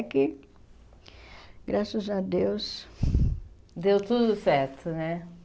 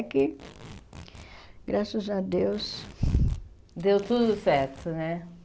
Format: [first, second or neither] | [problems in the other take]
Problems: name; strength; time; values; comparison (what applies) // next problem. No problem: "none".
first | background sound (Packing tape, duct tape); 20 dB below the speech